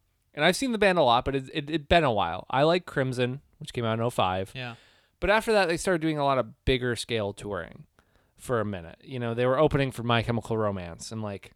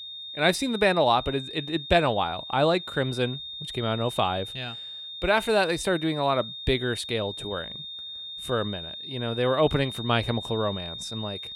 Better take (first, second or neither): first